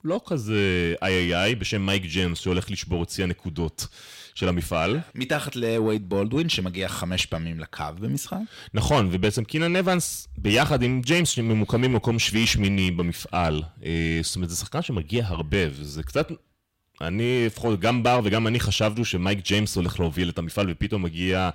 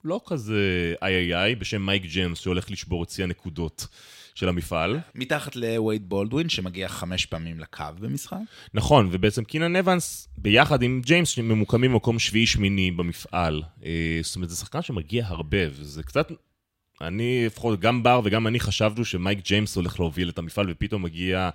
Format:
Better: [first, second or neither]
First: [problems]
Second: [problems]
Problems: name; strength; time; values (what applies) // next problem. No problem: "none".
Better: second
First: distortion; slight; 10 dB below the speech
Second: none